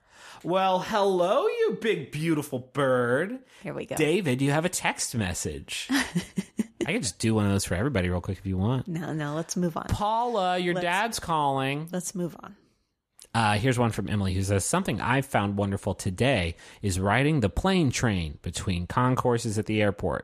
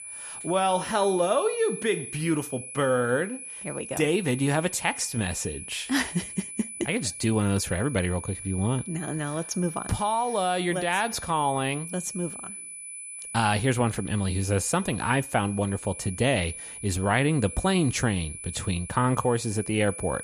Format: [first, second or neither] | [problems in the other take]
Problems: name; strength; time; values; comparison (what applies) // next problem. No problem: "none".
first | high-pitched whine; loud; throughout; 10 kHz, 10 dB below the speech